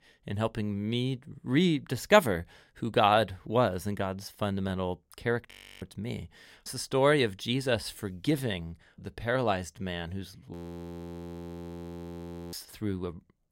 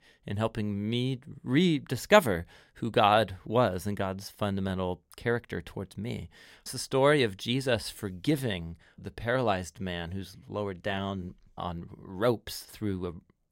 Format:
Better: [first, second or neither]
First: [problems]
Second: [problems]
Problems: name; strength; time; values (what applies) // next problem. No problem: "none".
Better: second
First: audio freezing; at 5.5 s and at 11 s for 2 s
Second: none